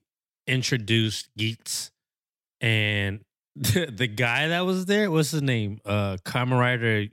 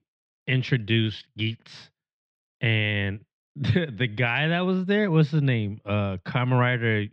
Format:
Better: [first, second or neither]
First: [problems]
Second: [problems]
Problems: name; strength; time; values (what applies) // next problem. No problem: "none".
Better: first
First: none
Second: muffled; slightly; fading above 3.5 kHz